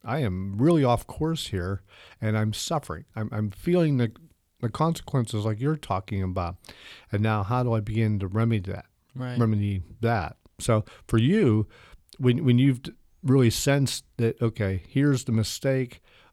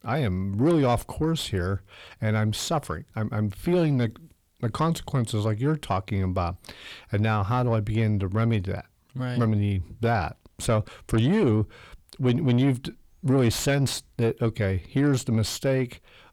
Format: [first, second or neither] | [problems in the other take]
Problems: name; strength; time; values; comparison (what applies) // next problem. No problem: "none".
first | distortion; slight; 10 dB below the speech